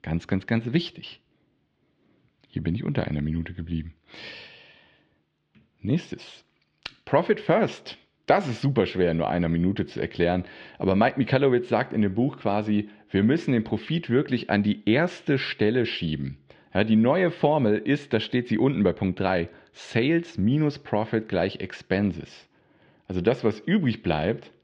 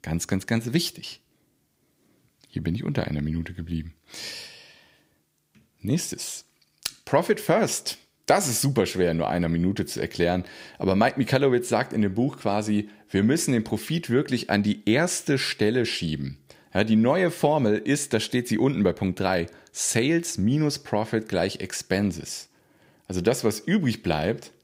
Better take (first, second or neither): second